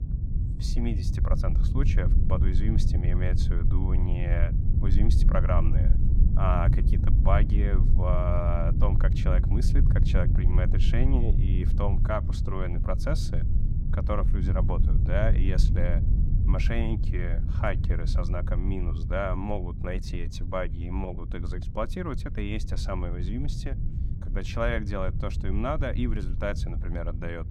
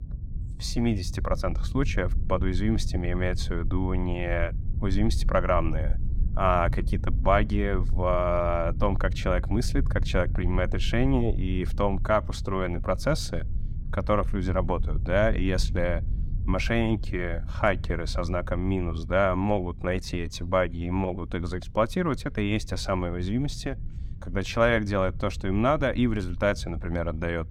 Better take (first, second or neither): second